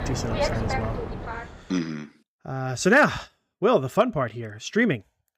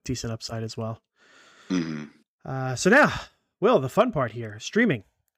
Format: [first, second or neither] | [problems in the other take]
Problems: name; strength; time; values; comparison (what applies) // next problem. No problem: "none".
second | train or aircraft noise; loud; until 1.5 s; 5 dB below the speech